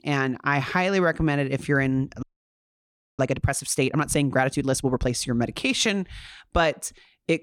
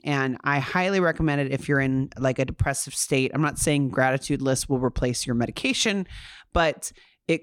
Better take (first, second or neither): second